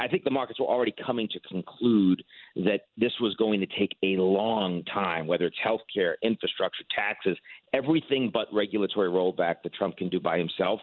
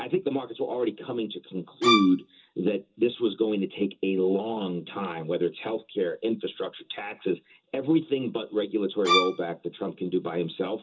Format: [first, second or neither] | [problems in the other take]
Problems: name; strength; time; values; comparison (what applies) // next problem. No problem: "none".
first | background sound (Bowed string instrument); 2 dB above the speech // room echo; dies away in 0.2 s